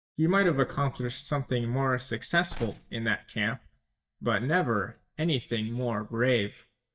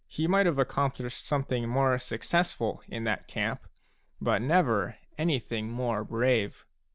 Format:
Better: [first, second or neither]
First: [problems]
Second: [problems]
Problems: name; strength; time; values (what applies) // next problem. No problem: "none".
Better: second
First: noise reduction (neural mask model DeepFilterNet 3)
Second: none